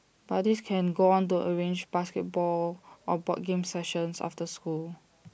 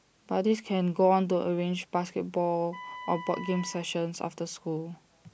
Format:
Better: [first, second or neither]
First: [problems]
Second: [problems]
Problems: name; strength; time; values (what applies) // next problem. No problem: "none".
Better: first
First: none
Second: background sound (Wind instrument, woodwind instrument); 14 dB below the speech